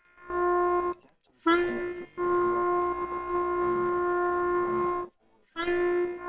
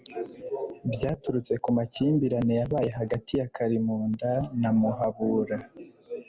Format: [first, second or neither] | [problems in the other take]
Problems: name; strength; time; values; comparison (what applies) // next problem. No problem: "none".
second | noise reduction (neural separator model SepFormer WHAMR!)